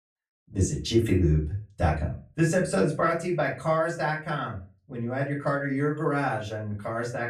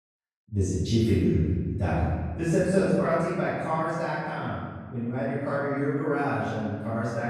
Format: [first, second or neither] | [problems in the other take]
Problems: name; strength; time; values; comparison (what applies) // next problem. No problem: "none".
first | room echo; strong; dies away in 1.8 s; slight in the first // off-mic speech; far; far in the first